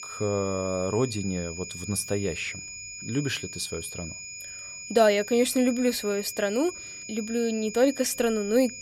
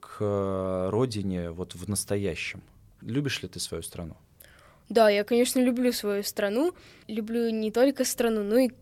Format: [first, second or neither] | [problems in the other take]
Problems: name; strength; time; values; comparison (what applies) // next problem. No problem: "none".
second | high-pitched whine; noticeable; throughout; 7 kHz, 10 dB below the speech